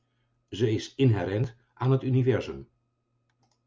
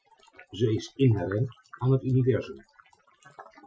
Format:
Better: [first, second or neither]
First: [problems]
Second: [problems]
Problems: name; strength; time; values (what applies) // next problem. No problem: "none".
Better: first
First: none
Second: noise reduction (classical method Wiener filter)